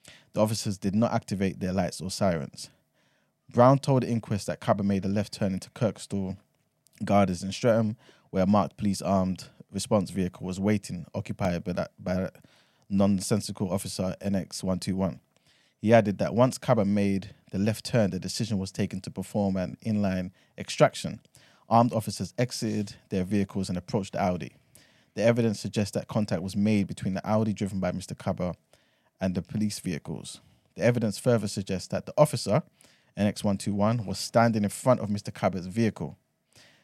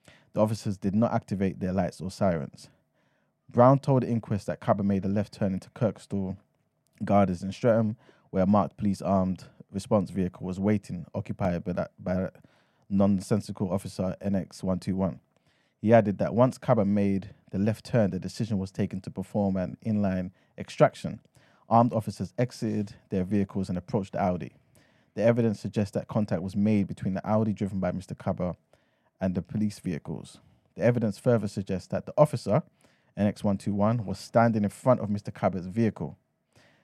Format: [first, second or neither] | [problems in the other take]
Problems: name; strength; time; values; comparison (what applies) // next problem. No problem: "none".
first | muffled; slightly; fading above 2.5 kHz